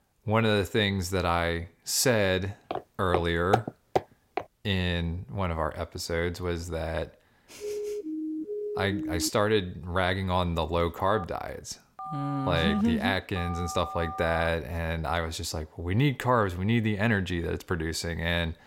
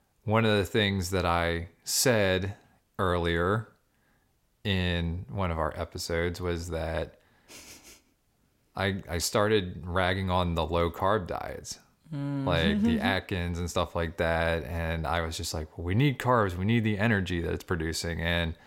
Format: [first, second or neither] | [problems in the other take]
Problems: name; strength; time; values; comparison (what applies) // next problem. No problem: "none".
second | footsteps; noticeable; from 2.5 to 4.5 s; peak 1 dB below the speech // siren; noticeable; from 7.5 to 9.5 s; peak 6 dB below the speech // phone ringing; noticeable; from 11 to 14 s; peak 9 dB below the speech